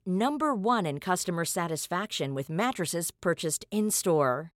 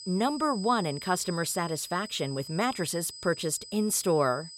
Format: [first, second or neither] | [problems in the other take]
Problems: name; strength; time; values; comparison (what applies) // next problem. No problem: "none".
first | high-pitched whine; noticeable; throughout; 5 kHz, 10 dB below the speech